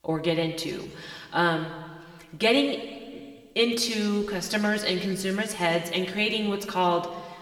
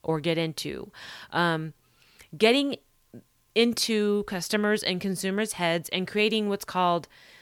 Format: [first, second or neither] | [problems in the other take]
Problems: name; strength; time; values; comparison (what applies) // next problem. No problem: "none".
second | room echo; slight; dies away in 1.6 s // off-mic speech; somewhat distant